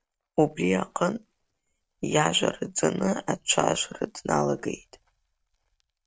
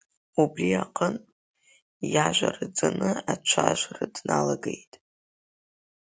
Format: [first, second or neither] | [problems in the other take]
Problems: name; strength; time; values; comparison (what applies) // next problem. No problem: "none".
second | noise reduction (neural mask model RNNoise)